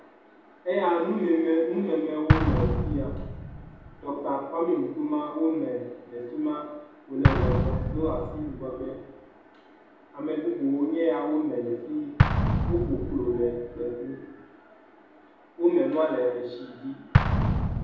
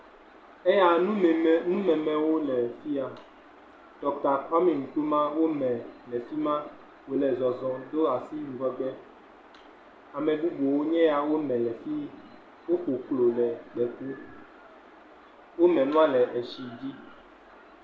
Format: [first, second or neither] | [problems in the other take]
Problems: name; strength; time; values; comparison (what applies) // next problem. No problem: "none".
second | background sound (Explosion); 1 dB below the speech // room echo; dies away in 0.8 s